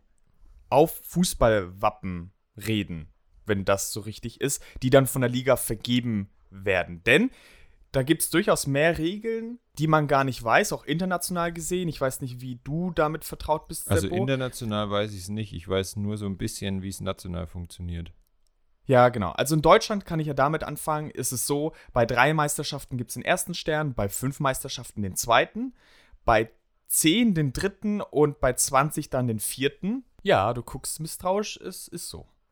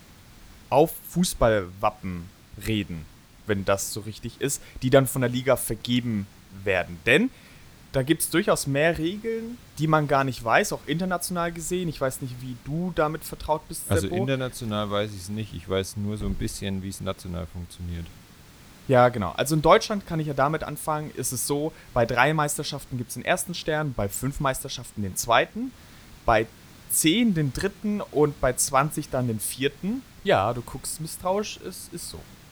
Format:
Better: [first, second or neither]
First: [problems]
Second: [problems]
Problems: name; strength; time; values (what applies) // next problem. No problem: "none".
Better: first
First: none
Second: hiss; faint; throughout; 25 dB below the speech